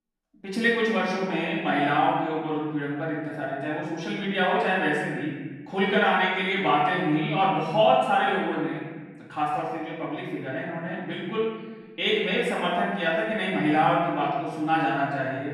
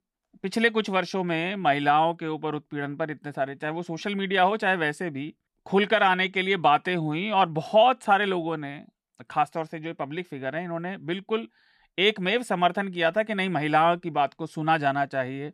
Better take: second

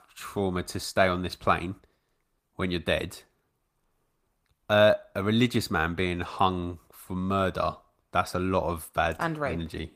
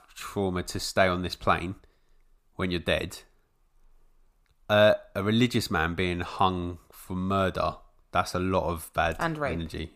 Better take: second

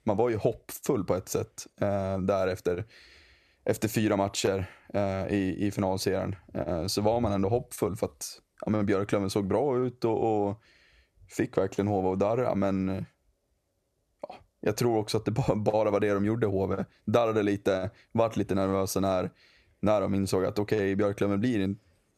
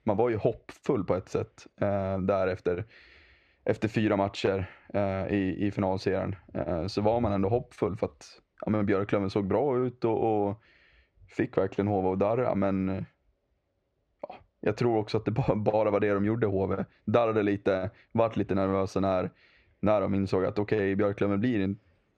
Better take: first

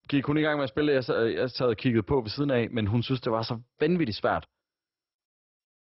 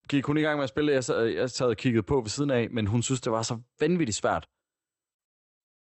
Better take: second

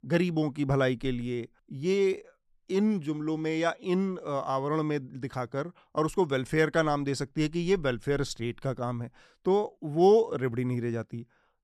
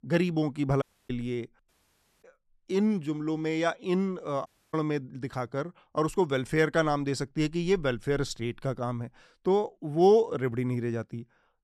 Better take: first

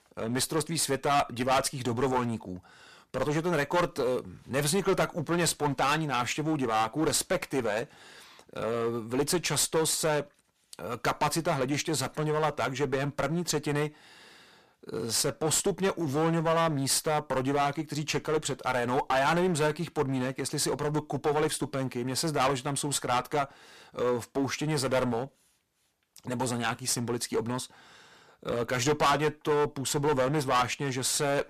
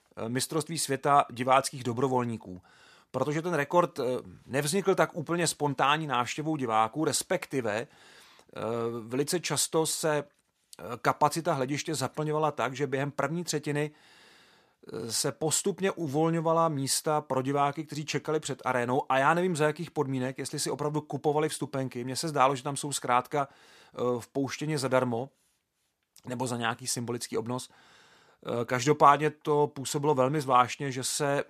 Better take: second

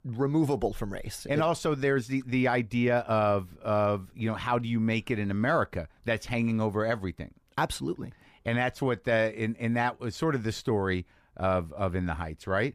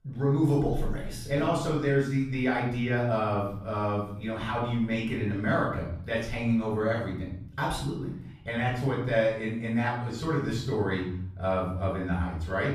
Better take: first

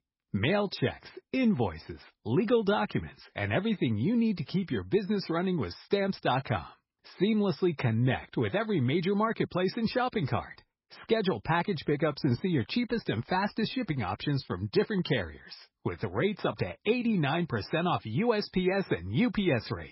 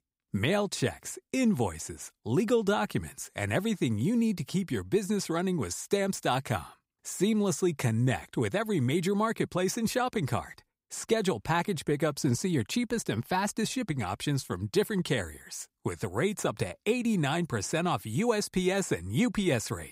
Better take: second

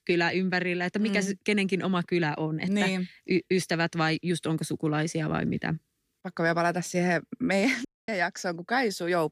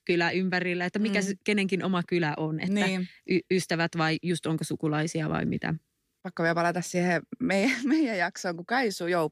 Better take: second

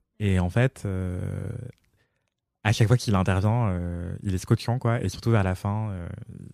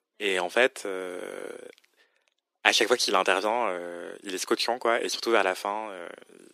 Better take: first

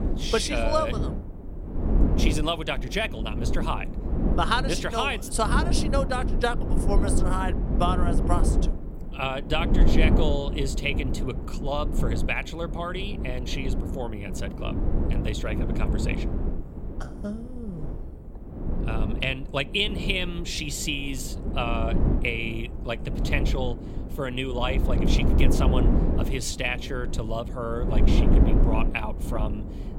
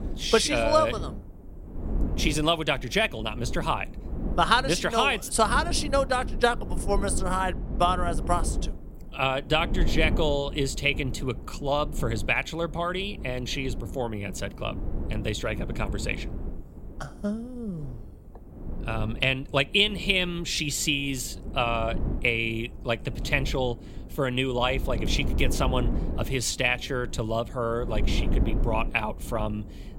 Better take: second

